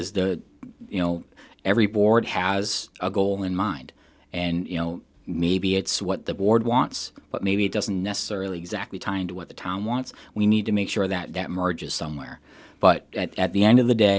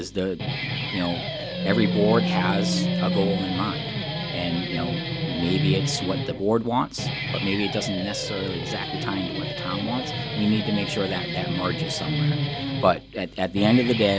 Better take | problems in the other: first | background sound (Wind instrument, woodwind instrument + Guitar); 1 dB below the speech

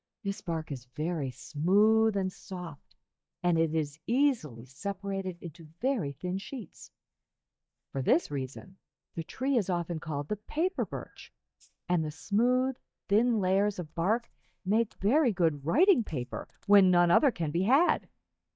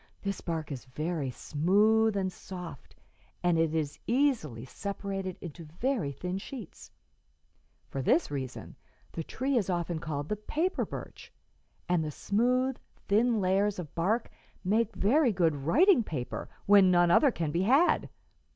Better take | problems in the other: second | noise reduction (neural mask model DeepFilterNet 3)

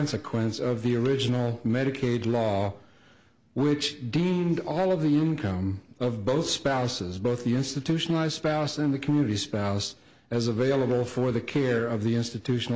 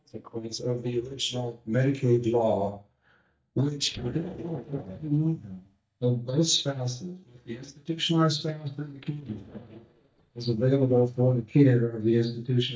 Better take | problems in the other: first | noise reduction (neural mask model DeepFilterNet 3)

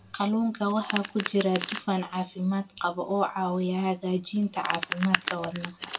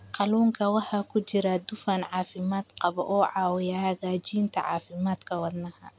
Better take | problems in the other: second | background sound (Domestic sounds, home sounds); 9 dB below the speech // room echo; dies away in 0.2 s

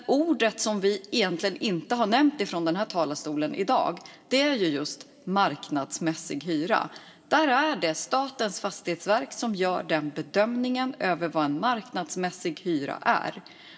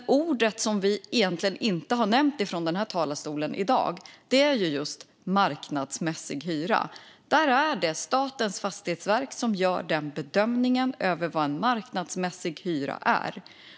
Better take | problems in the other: second | room echo; dies away in 0.4 s

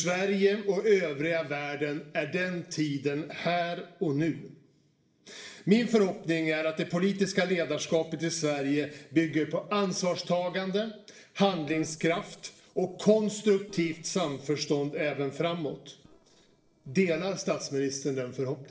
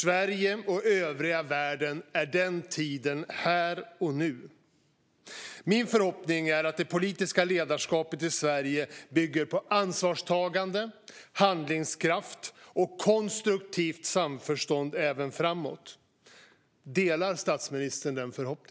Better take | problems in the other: second | noise reduction (neural separator model SepFormer DNS4)

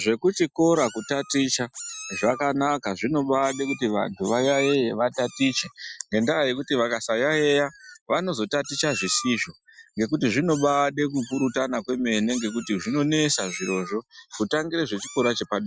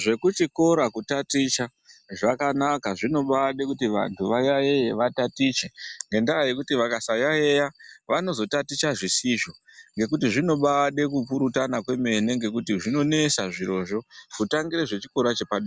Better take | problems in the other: second | noise reduction (classical method Wiener filter)

